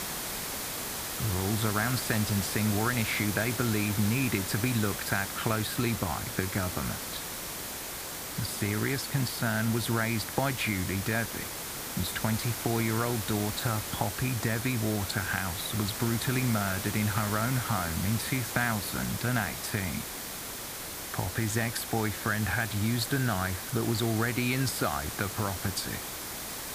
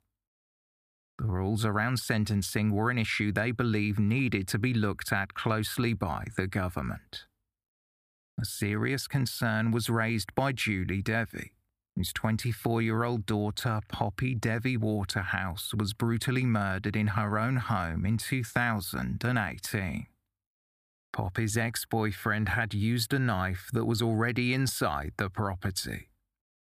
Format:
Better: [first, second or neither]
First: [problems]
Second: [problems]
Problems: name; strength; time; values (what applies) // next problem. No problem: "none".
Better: second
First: hiss; loud; throughout; 4 dB below the speech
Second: none